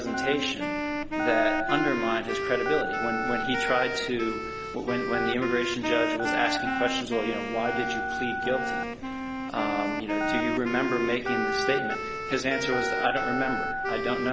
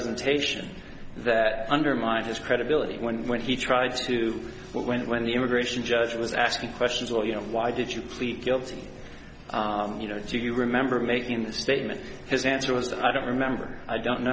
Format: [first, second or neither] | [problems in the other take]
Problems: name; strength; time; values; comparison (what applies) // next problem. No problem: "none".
second | background sound (Telephone + Wind instrument, woodwind instrument); as loud as the speech